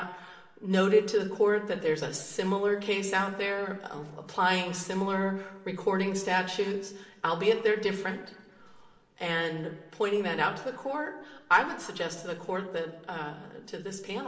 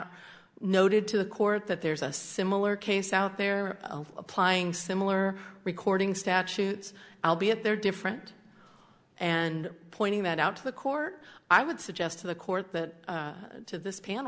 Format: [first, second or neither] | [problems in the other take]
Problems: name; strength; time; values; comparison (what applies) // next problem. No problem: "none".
second | room echo; dies away in 0.8 s